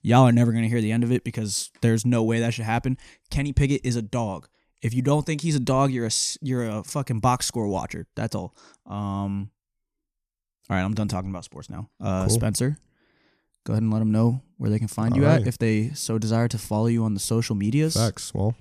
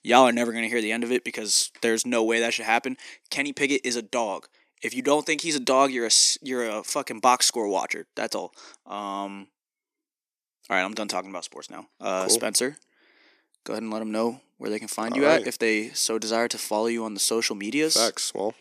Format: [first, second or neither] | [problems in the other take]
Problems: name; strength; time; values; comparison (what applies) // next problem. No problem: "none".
first | thin; somewhat; fading below 300 Hz